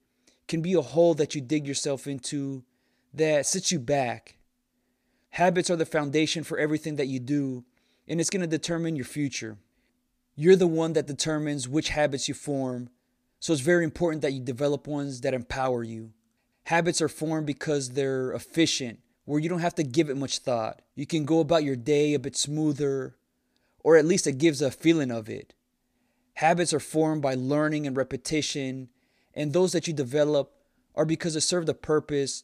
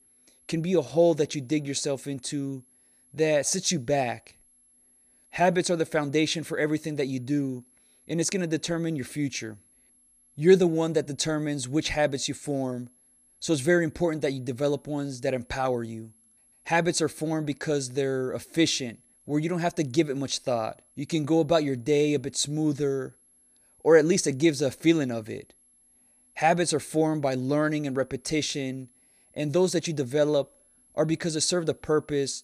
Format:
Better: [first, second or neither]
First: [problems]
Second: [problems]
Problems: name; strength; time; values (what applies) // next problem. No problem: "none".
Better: first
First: none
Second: high-pitched whine; faint; throughout; 11 kHz, 35 dB below the speech